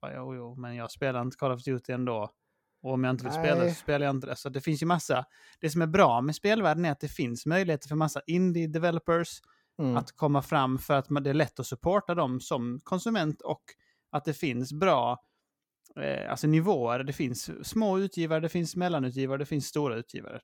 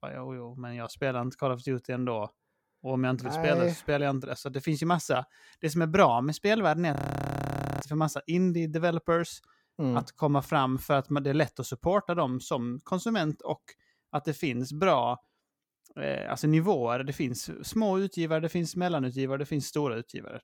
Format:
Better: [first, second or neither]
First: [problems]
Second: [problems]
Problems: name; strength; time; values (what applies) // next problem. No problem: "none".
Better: first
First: none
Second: audio freezing; at 7 s for 1 s